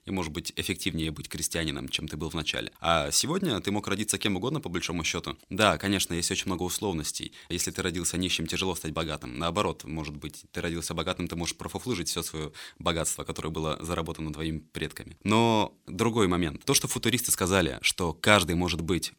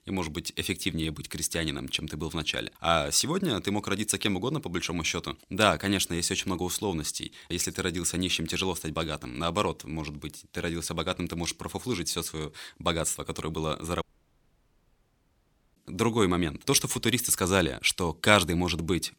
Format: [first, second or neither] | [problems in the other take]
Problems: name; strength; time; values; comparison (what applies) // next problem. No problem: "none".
first | audio cutting out; at 14 s for 1.5 s